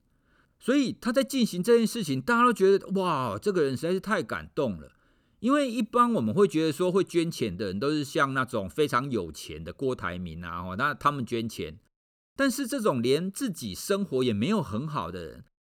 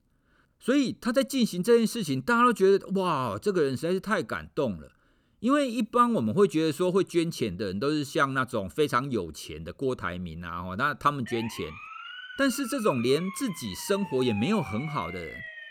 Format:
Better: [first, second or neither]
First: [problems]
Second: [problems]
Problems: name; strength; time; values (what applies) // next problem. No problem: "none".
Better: first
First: none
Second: siren; faint; from 11 s on; peak 10 dB below the speech